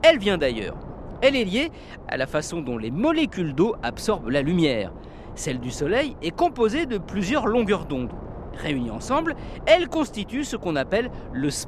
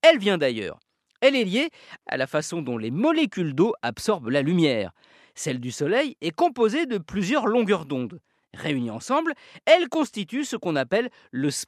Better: second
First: wind noise on the microphone; occasional gusts; 20 dB below the speech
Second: none

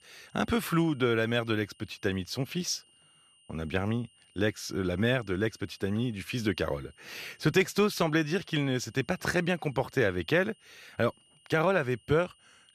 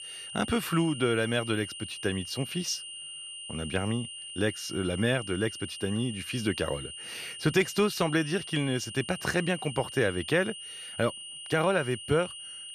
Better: first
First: high-pitched whine; faint; throughout; 3 kHz, 30 dB below the speech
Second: high-pitched whine; loud; throughout; 3 kHz, 9 dB below the speech

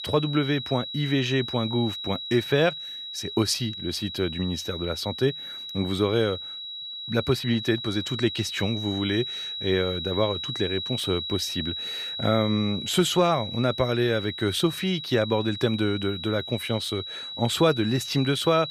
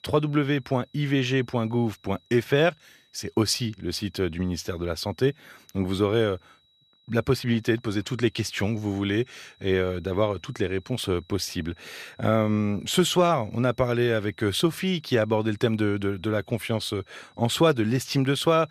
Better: second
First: high-pitched whine; loud; throughout; 4 kHz, 6 dB below the speech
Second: high-pitched whine; faint; throughout; 4 kHz, 35 dB below the speech

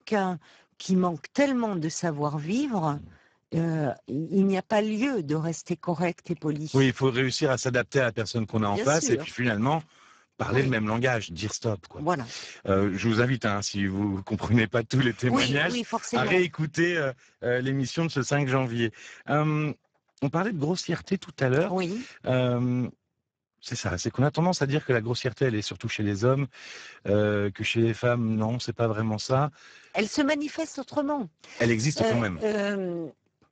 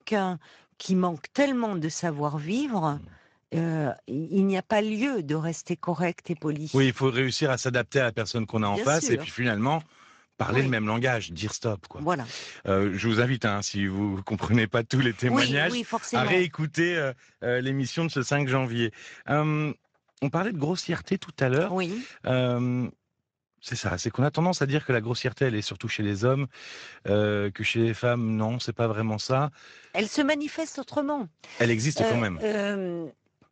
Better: second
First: garbled, watery; badly; nothing above 7.5 kHz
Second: garbled, watery; slightly; nothing above 7.5 kHz

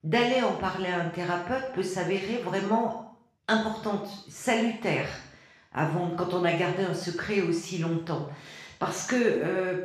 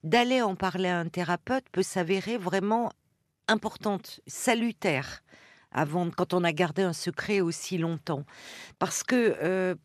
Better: second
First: room echo; noticeable; dies away in 0.6 s // off-mic speech; far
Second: none

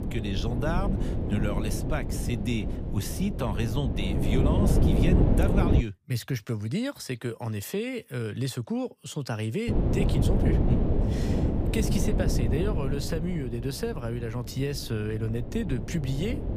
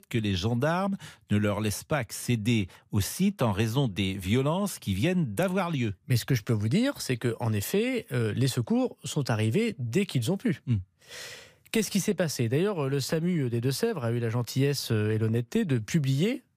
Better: second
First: wind noise on the microphone; heavy; until 6 s and from 9.5 s on; as loud as the speech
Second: none

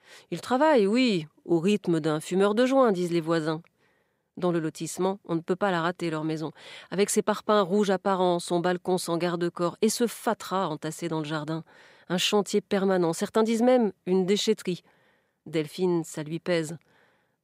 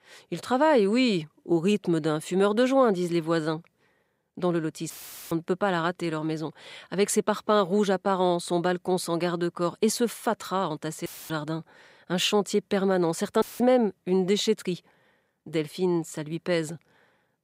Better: first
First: none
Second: audio cutting out; filled with static; at 5 s, at 11 s and at 13 s

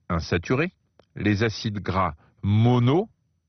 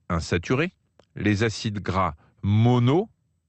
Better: second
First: garbled, watery; badly; nothing above 6 kHz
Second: garbled, watery; slightly; nothing above 8 kHz

